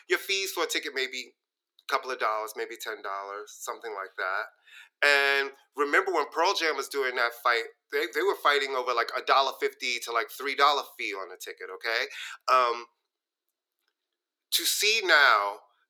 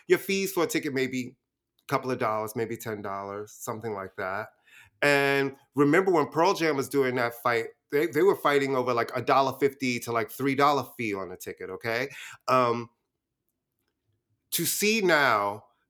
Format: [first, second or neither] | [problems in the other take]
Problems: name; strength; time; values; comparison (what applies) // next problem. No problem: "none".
second | thin; very; fading below 400 Hz